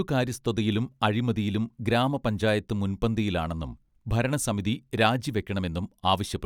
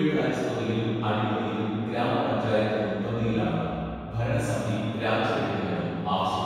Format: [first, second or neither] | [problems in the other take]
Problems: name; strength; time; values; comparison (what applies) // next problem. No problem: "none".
first | room echo; dies away in 2.2 s